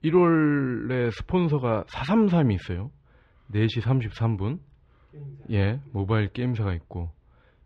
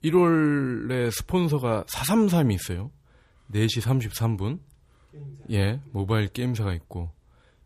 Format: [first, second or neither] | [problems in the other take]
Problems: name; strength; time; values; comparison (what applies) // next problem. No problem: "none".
second | muffled; slightly; fading above 3 kHz